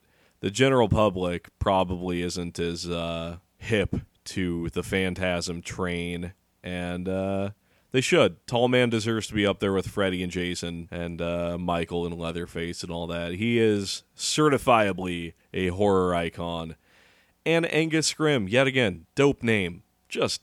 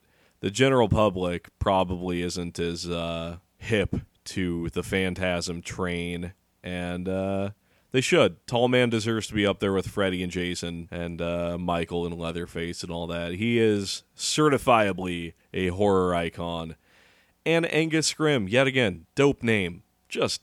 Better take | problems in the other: neither | none

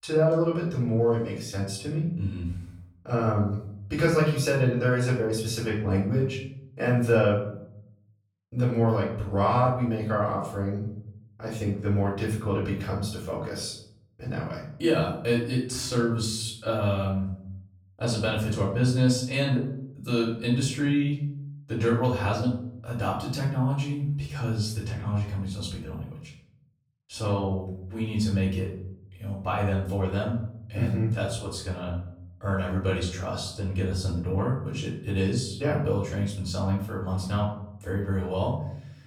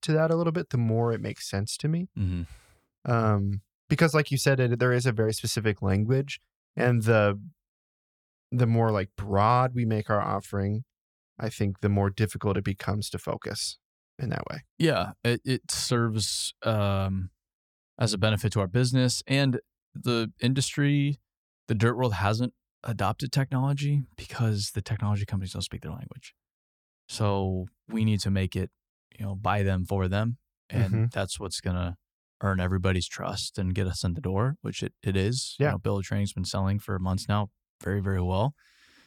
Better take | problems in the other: second | off-mic speech; far // room echo; noticeable; dies away in 0.6 s

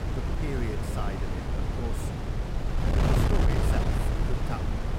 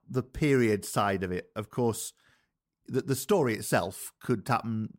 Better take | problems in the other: second | wind noise on the microphone; heavy; 5 dB above the speech

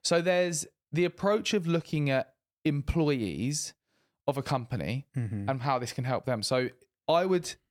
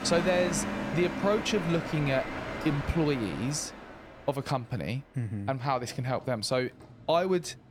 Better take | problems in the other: first | train or aircraft noise; loud; throughout; 5 dB below the speech

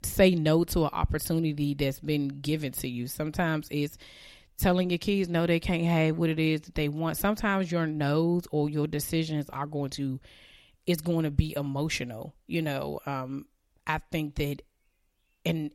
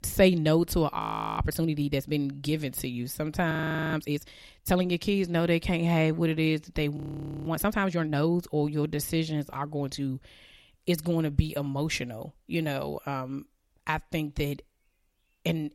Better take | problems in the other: first | audio freezing; at 1 s, at 3.5 s and at 7 s

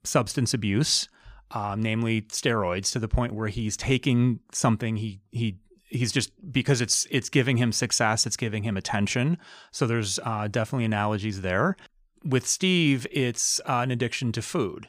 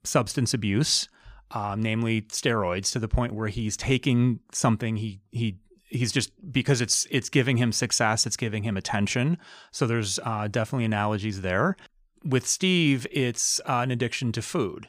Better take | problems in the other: neither | none

